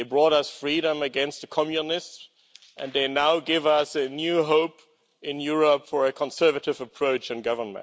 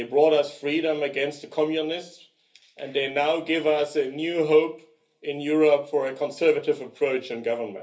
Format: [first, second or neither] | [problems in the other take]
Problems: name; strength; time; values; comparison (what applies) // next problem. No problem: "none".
first | room echo; dies away in 0.3 s